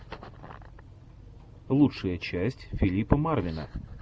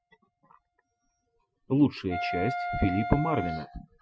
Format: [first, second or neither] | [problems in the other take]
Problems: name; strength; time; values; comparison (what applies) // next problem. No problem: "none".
first | noise reduction (classical method Wiener filter)